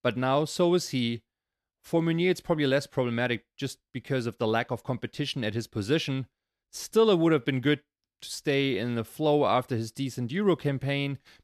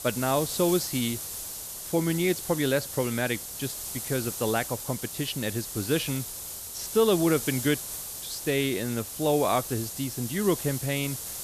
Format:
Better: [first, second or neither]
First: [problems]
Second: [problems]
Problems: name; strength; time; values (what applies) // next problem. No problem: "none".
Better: first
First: none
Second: hiss; loud; throughout; 6 dB below the speech